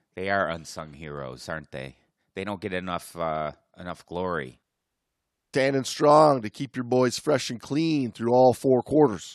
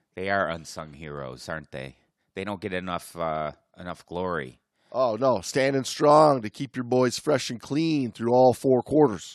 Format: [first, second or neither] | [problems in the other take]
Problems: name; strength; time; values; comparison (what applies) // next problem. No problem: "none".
second | audio cutting out; at 4.5 s for 1 s